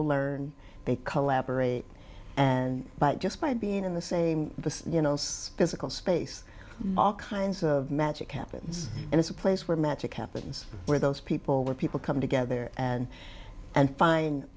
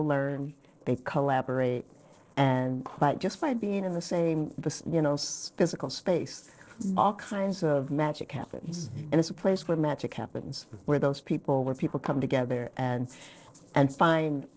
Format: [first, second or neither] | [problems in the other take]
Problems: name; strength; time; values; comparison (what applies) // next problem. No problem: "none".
first | noise reduction (neural separator model SepFormer DNS4)